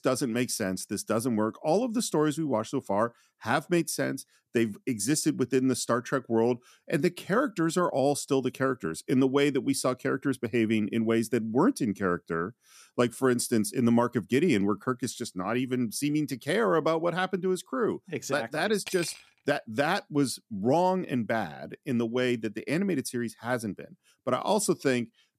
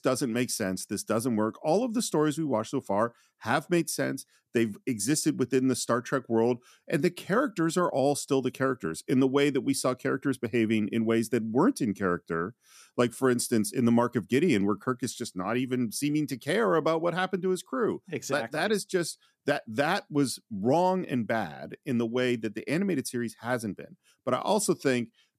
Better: second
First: clattering dishes; faint; at 19 s; peak 10 dB below the speech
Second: none

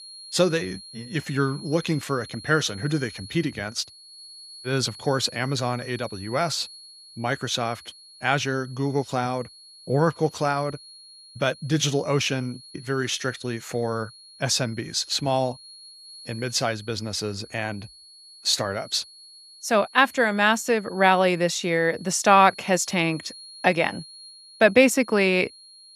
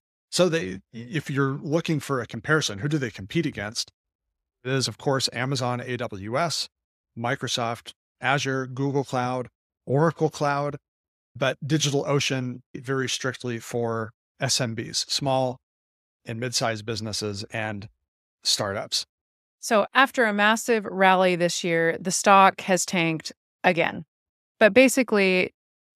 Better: second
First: high-pitched whine; noticeable; throughout; 4.5 kHz, 20 dB below the speech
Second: none

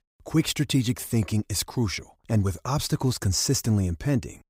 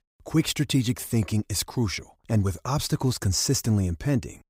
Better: neither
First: none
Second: none

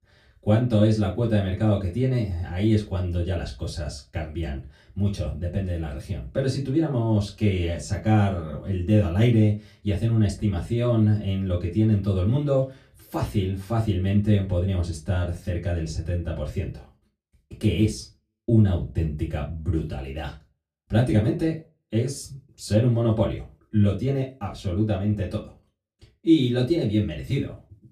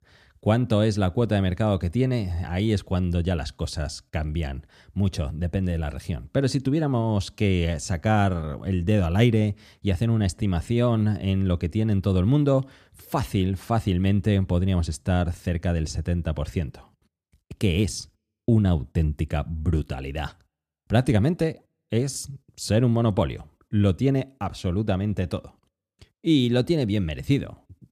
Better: second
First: off-mic speech; far // room echo; very slight; dies away in 0.2 s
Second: none

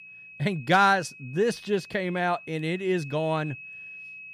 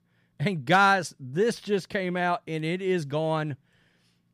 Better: second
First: high-pitched whine; noticeable; throughout; 2.5 kHz, 15 dB below the speech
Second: none

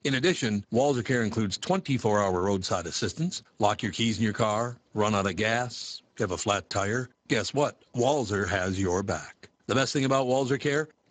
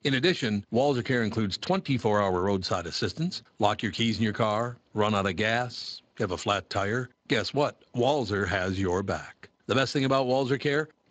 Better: second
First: garbled, watery; badly; nothing above 7.5 kHz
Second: garbled, watery; slightly; nothing above 7.5 kHz

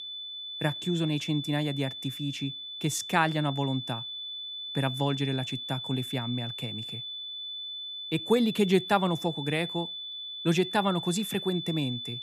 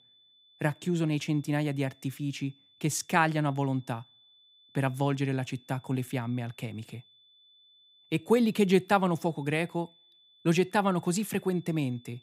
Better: second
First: high-pitched whine; loud; throughout; 3.5 kHz, 6 dB below the speech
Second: high-pitched whine; faint; throughout; 3.5 kHz, 30 dB below the speech

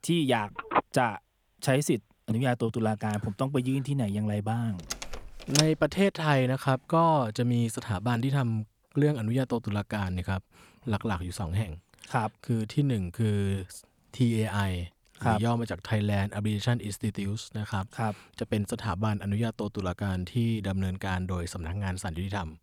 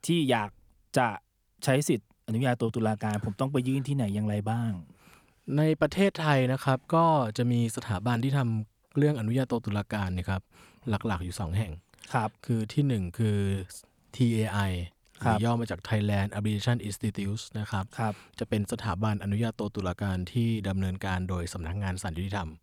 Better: second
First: phone ringing; loud; from 0.5 to 2.5 s; peak level with the speech // door banging; loud; at 5 s; peak 2 dB above the speech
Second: none

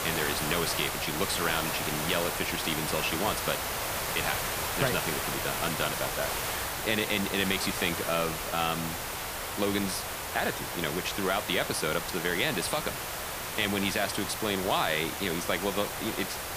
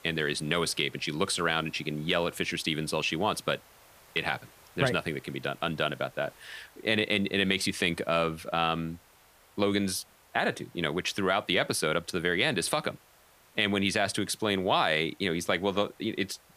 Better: second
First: hiss; loud; throughout; 1 dB below the speech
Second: hiss; faint; throughout; 25 dB below the speech

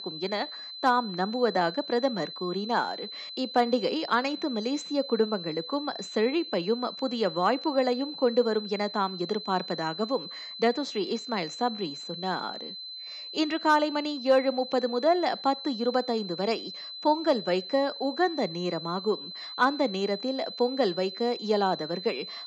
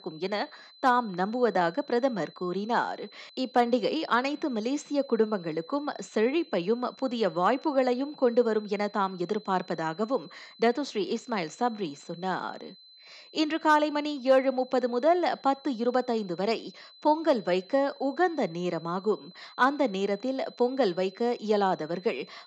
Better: second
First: high-pitched whine; loud; throughout; 4 kHz, 10 dB below the speech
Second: high-pitched whine; faint; throughout; 4 kHz, 25 dB below the speech

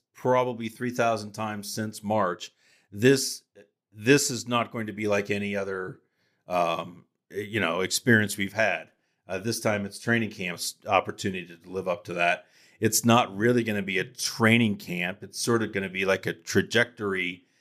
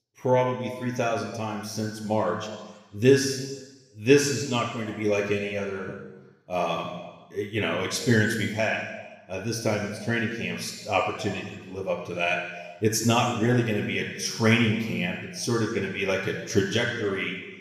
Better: first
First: none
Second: room echo; noticeable; dies away in 1.2 s // off-mic speech; somewhat distant

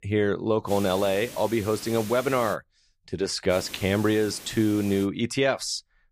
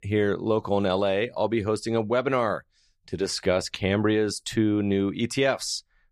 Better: second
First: hiss; noticeable; from 0.5 to 2.5 s and from 3.5 to 5 s; 15 dB below the speech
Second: none

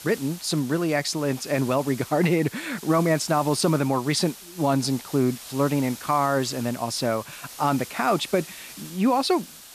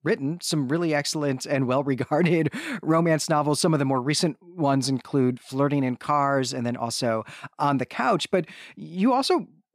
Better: second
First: hiss; noticeable; throughout; 15 dB below the speech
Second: none

